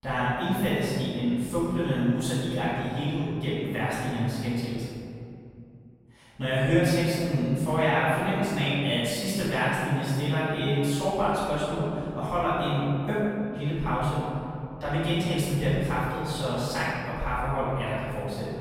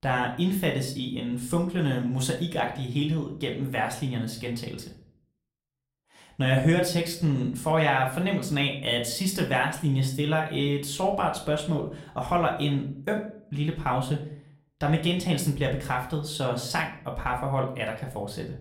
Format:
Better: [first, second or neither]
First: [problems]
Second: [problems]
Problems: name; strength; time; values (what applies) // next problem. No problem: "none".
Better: second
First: room echo; strong; dies away in 2.5 s // off-mic speech; far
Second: room echo; slight; dies away in 0.4 s // off-mic speech; somewhat distant